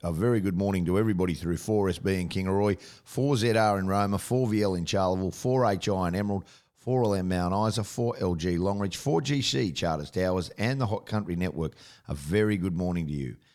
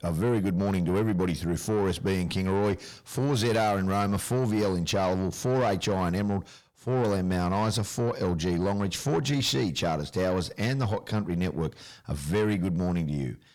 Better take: first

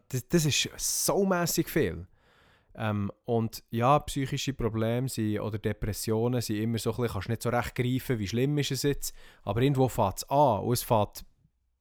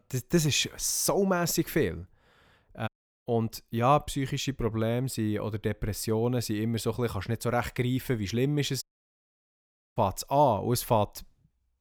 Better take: first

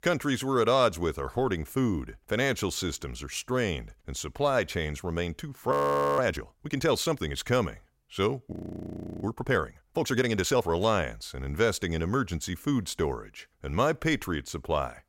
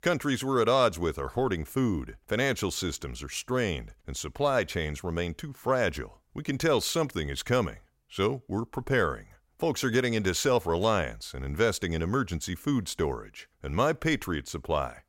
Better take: second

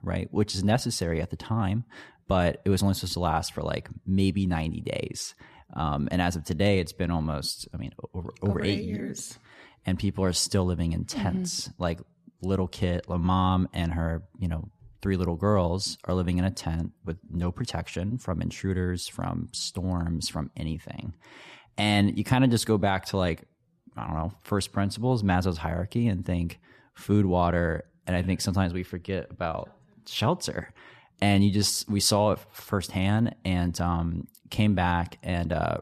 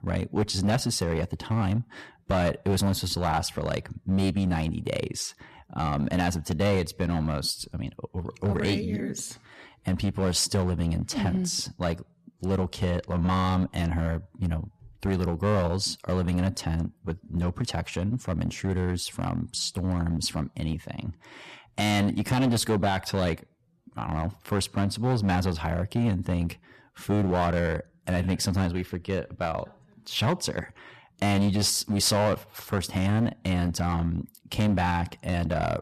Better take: first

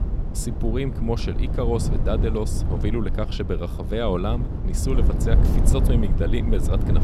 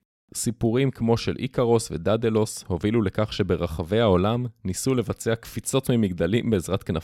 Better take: second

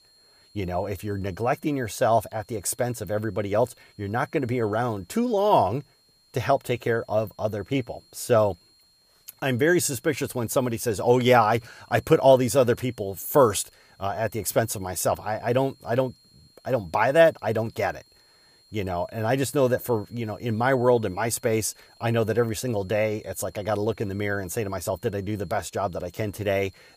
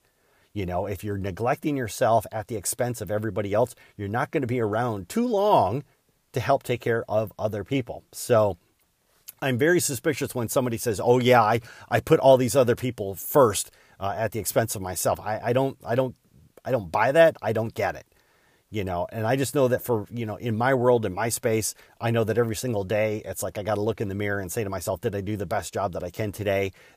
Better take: second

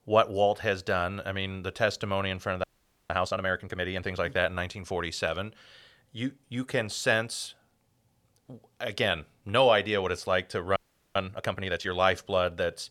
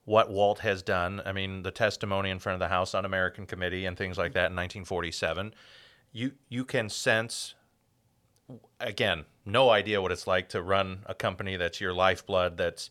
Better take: second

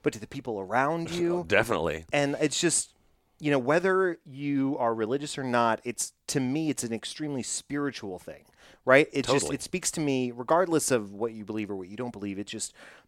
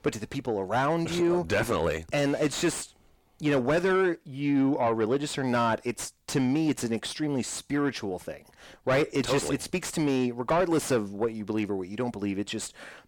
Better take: first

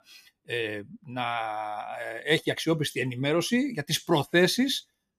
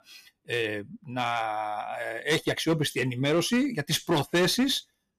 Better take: first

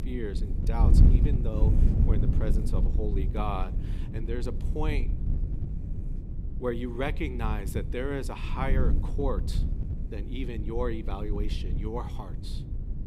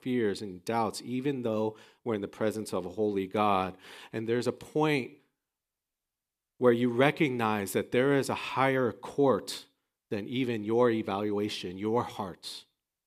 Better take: second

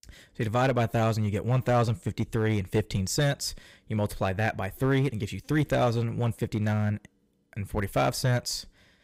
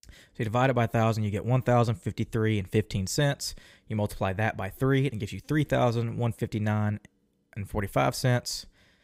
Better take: second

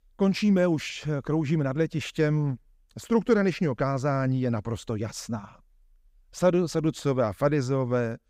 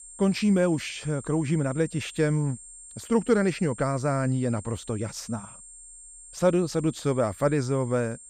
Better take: first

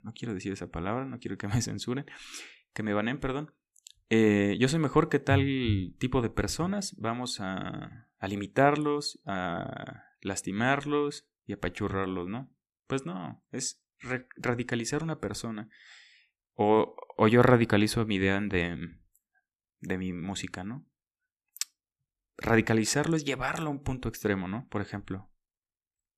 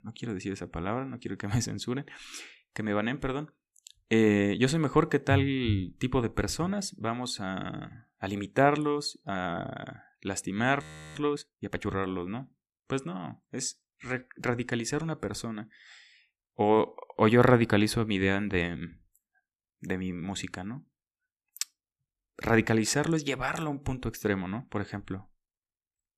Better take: first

